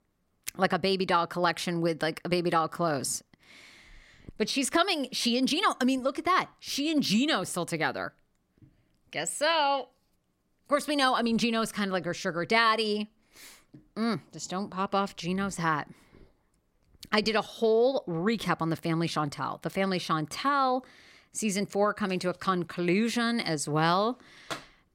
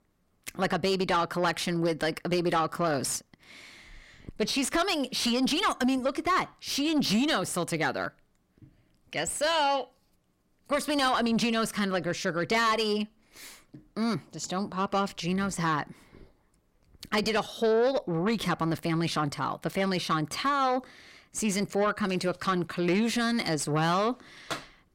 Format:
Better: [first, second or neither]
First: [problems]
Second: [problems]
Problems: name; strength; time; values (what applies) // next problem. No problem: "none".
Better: first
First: none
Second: distortion; slight; 10 dB below the speech